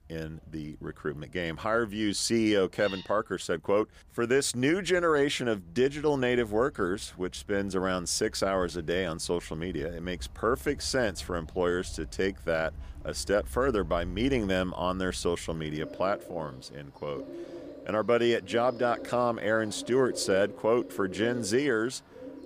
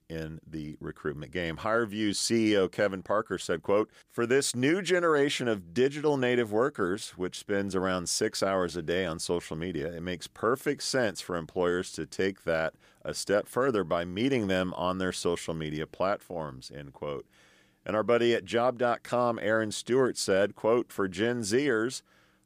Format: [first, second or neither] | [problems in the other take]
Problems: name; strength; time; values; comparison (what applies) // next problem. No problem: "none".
second | animal sounds; noticeable; throughout; 15 dB below the speech